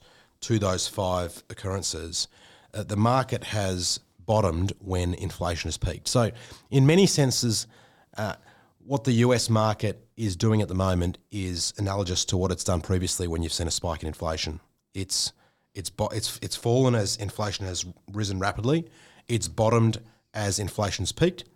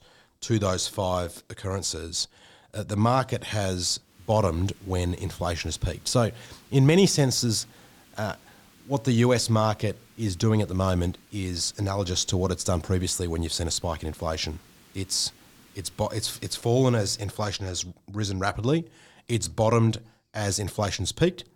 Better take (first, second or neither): first